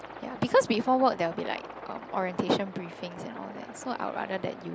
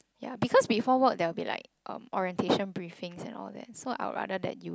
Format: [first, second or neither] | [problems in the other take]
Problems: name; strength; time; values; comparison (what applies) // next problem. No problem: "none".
second | background sound (Aircraft); 14 dB below the speech